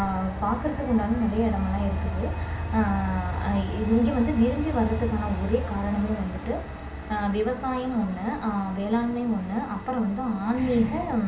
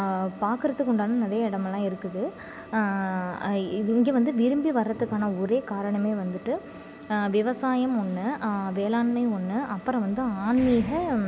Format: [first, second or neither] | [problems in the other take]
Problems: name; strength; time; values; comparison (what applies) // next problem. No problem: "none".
second | background sound (Train); 6 dB below the speech // room echo; dies away in 0.4 s